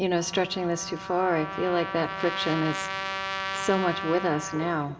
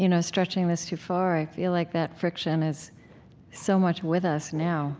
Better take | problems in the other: second | background sound (Trumpet); 7 dB below the speech // room echo; dies away in 0.5 s

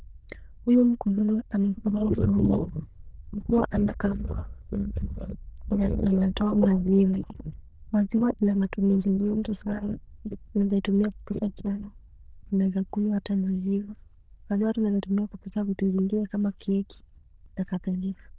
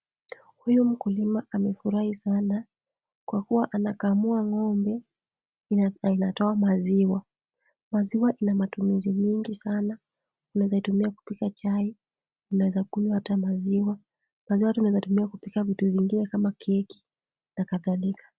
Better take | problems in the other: second | noise reduction (neural diffusion model UNIVERSE++)

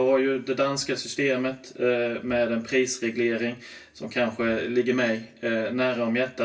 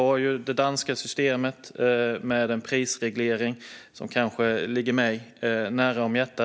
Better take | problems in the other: second | room echo; dies away in 0.2 s

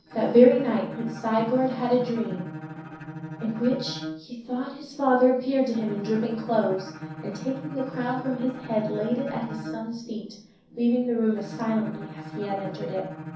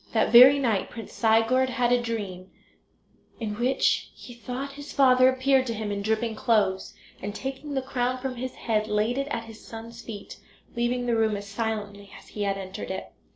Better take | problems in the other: second | background sound (Bowed string instrument); 13 dB below the speech // room echo; dies away in 0.6 s

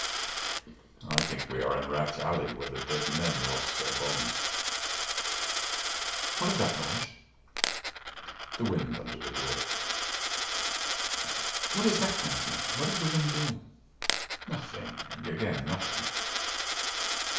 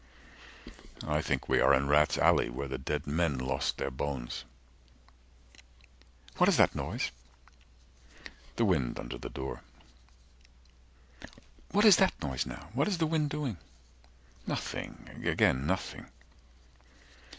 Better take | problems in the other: second | background sound (Coin (dropping)); 2 dB above the speech // room echo; dies away in 0.6 s

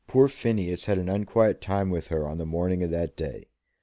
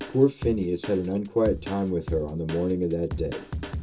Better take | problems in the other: first | background sound (Drum kit); 10 dB below the speech // room echo; dies away in 0.2 s

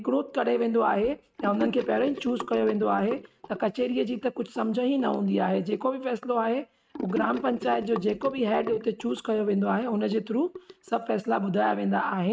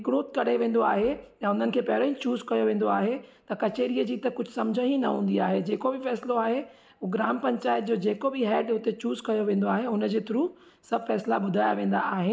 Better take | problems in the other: second | noise reduction (neural mask model RNNoise)

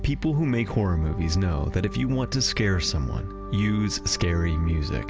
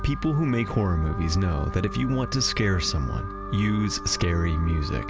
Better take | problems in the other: first | background sound (Alarm); 15 dB below the speech

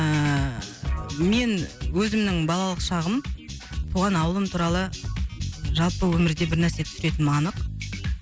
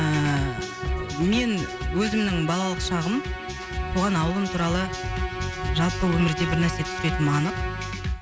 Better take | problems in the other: first | background sound (Musical instrument); 8 dB below the speech

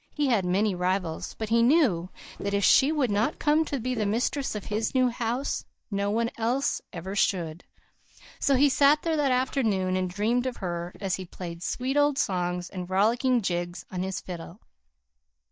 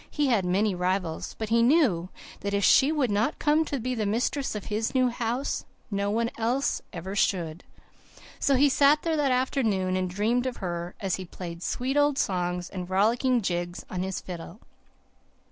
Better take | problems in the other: second | noise reduction (neural mask model DeepFilterNet 3)

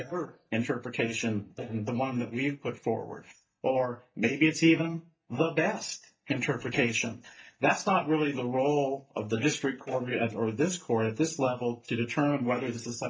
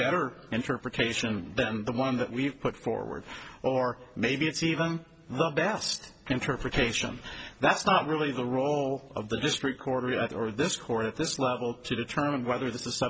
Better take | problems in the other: second | noise reduction (neural mask model DeepFilterNet 3)

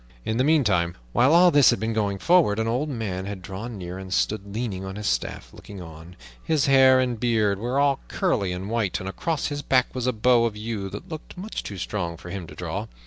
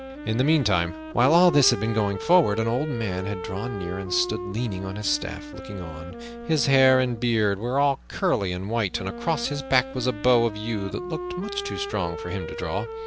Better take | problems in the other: first | background sound (Wind instrument, woodwind instrument); 11 dB below the speech

